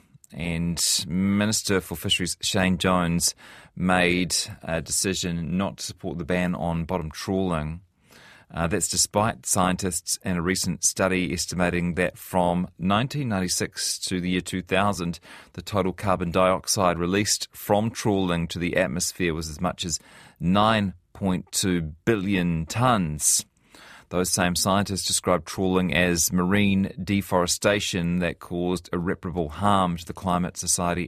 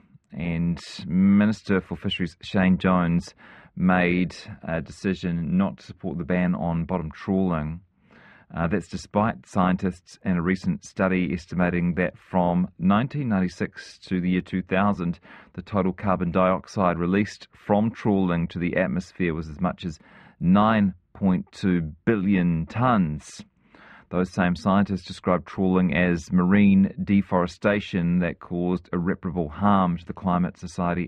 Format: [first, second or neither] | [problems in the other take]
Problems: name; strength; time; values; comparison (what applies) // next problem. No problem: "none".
first | muffled; very; fading above 2 kHz